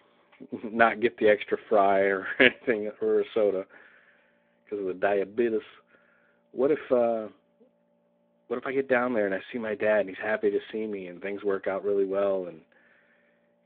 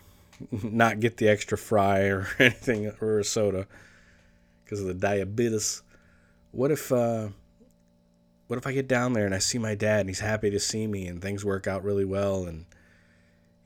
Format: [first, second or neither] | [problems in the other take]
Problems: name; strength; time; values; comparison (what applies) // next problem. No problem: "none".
second | phone-call audio